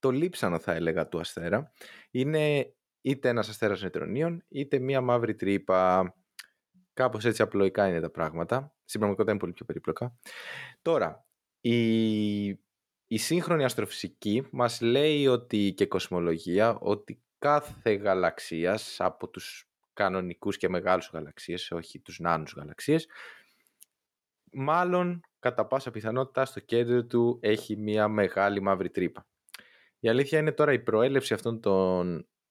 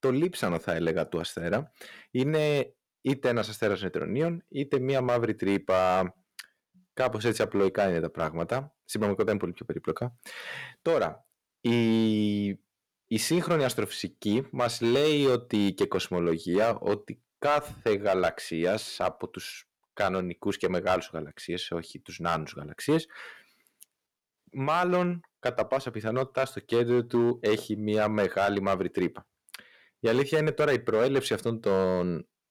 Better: first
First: none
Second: distortion; slight; 4% of the sound clipped

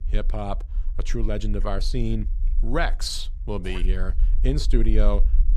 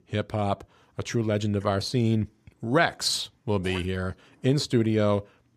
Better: second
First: low rumble; faint; throughout; 20 dB below the speech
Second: none

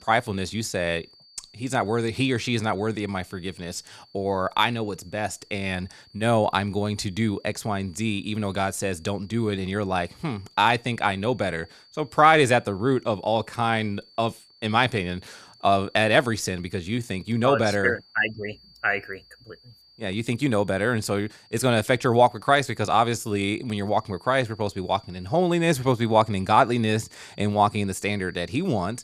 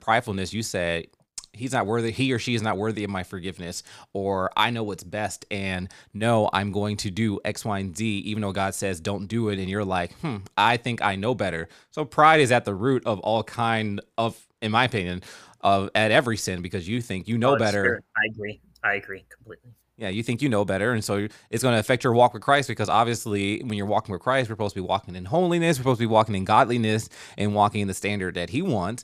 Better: second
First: high-pitched whine; faint; throughout; 4.5 kHz, 30 dB below the speech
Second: none

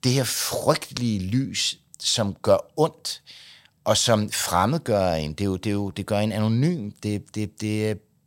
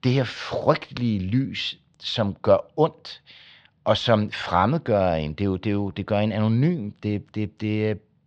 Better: first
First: none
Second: muffled; slightly; fading above 3.5 kHz

